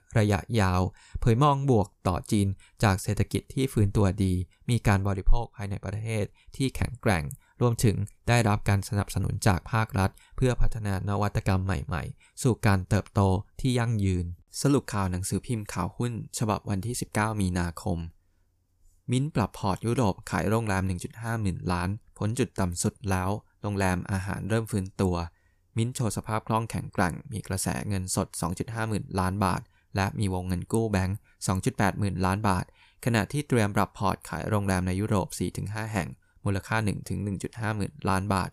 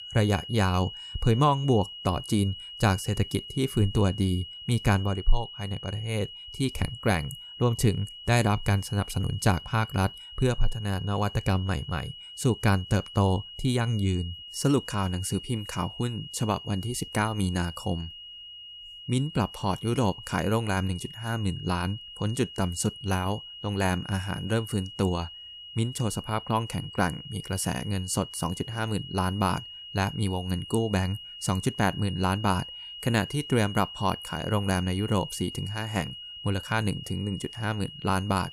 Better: first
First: none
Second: high-pitched whine; noticeable; throughout; 3 kHz, 10 dB below the speech

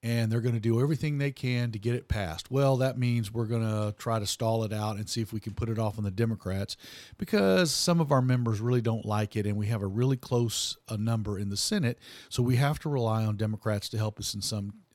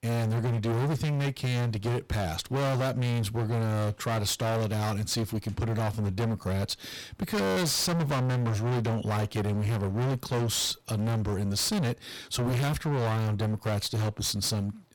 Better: first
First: none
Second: distortion; heavy; 36% of the sound clipped

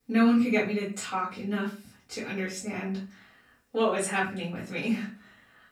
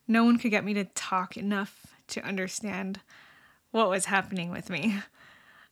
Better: second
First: off-mic speech; far // room echo; slight; dies away in 0.3 s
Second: none

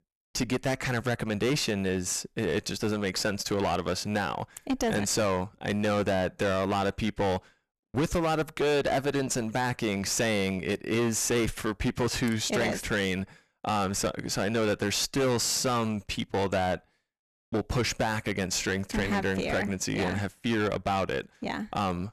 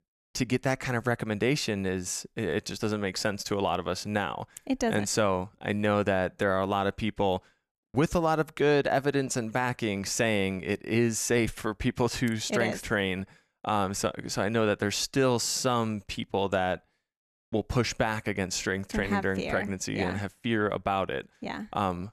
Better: second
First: distortion; heavy; 16% of the sound clipped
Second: none

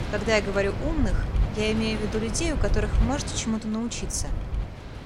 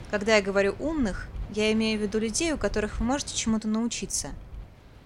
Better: second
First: wind noise on the microphone; heavy; 9 dB below the speech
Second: wind noise on the microphone; occasional gusts; 20 dB below the speech

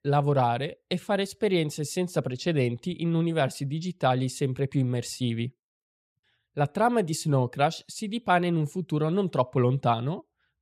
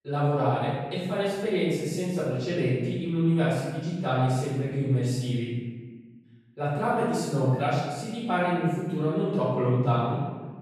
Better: first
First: none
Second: room echo; strong; dies away in 1.2 s // off-mic speech; far

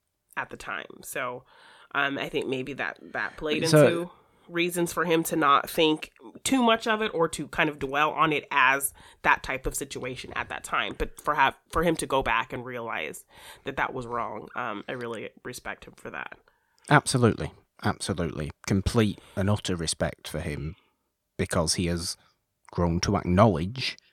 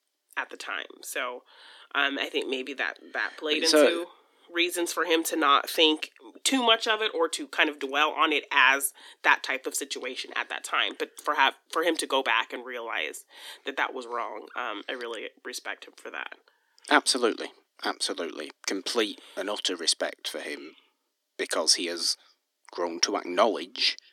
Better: first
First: none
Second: thin; somewhat; fading below 250 Hz

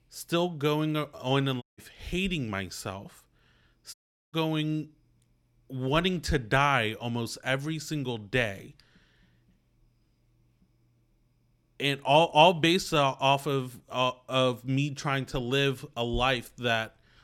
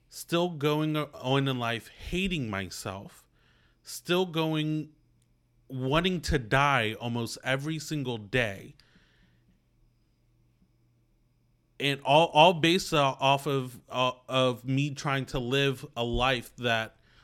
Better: second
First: audio cutting out; at 1.5 s and at 4 s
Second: none

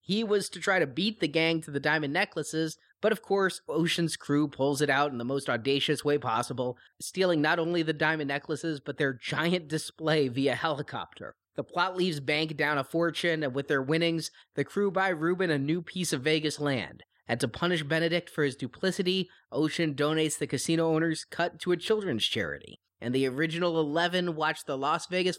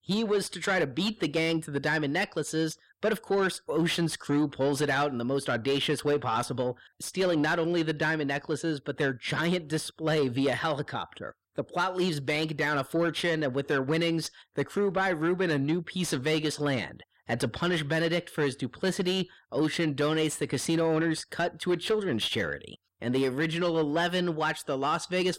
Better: first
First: none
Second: distortion; slight; 10 dB below the speech

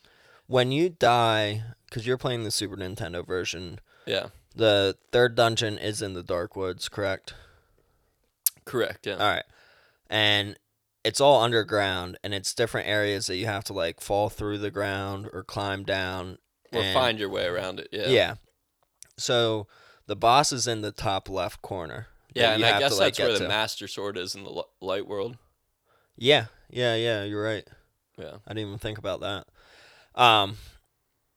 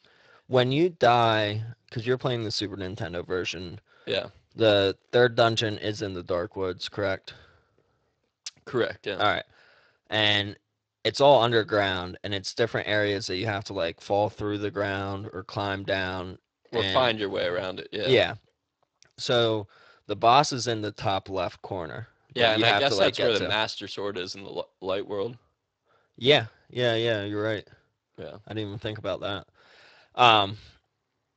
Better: first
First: none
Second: garbled, watery; slightly; nothing above 7.5 kHz

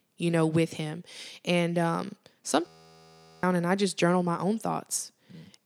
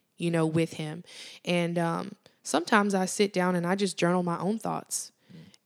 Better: second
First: audio freezing; at 2.5 s for 1 s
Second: none

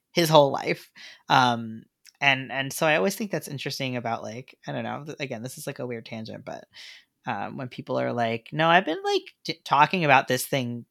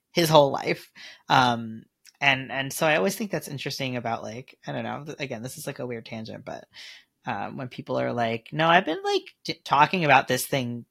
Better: first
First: none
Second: garbled, watery; slightly; nothing above 13 kHz

